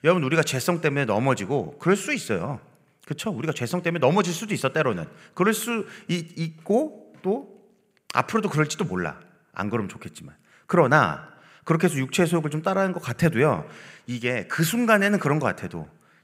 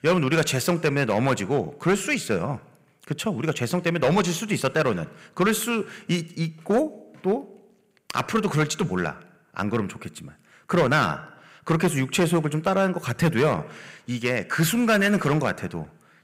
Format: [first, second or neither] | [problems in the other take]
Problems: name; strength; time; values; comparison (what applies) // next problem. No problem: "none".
first | distortion; slight; 5% of the sound clipped